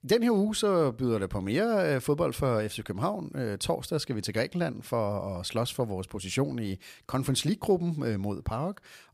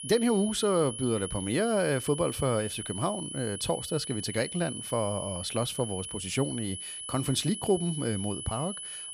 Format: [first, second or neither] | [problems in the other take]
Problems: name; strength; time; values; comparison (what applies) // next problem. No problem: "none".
first | high-pitched whine; loud; throughout; 10.5 kHz, 7 dB below the speech